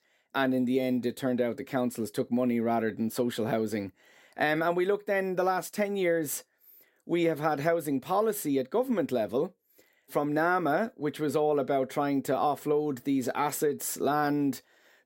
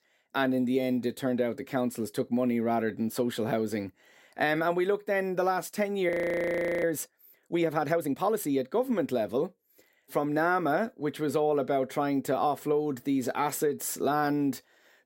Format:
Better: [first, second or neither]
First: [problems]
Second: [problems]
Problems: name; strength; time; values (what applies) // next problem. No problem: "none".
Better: first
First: none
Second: audio freezing; at 6 s for 0.5 s